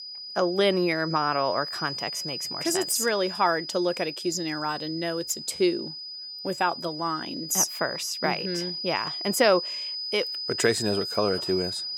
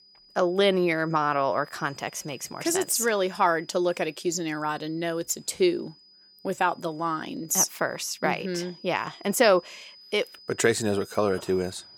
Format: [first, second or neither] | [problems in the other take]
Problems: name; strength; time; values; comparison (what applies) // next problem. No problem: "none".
second | high-pitched whine; loud; throughout; 5 kHz, 6 dB below the speech; faint in the second